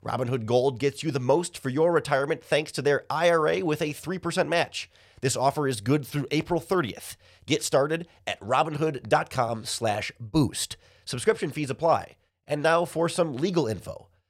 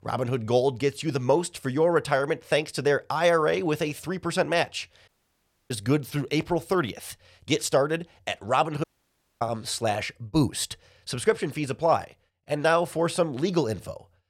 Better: first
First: none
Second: audio cutting out; at 5 s for 0.5 s and at 9 s for 0.5 s

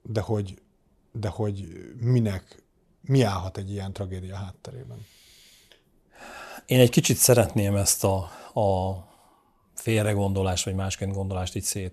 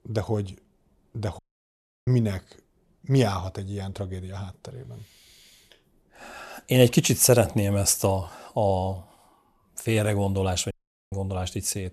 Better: first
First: none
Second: audio cutting out; at 1.5 s for 0.5 s and at 11 s

